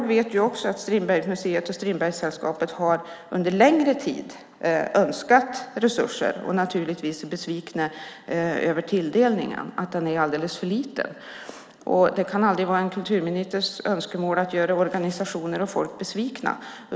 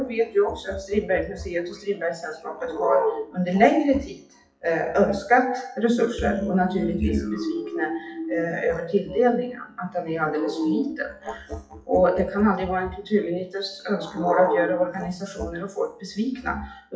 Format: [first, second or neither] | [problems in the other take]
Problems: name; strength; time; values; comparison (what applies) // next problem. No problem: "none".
first | noise reduction (classical method WPE with log-MMSE)